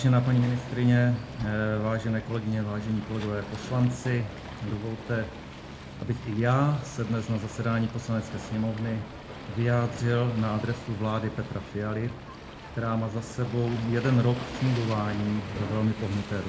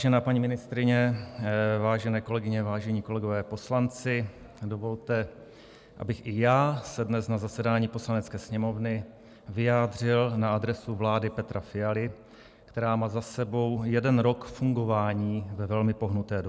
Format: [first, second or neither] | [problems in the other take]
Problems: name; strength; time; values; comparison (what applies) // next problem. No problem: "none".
second | background sound (Waves, surf); 12 dB below the speech // room echo; dies away in 0.4 s